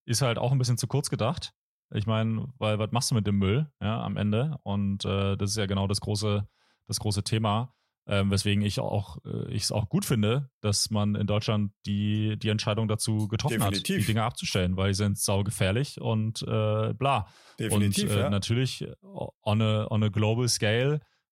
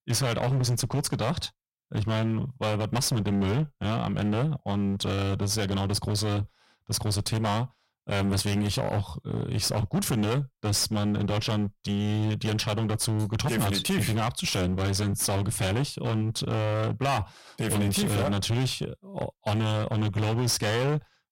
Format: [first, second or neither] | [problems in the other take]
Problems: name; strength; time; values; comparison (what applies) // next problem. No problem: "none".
first | distortion; heavy; 25% of the sound clipped